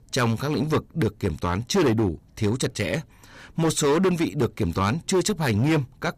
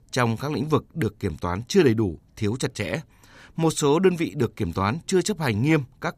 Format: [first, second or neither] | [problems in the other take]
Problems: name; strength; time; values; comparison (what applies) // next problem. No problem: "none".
second | distortion; heavy; 10% of the sound clipped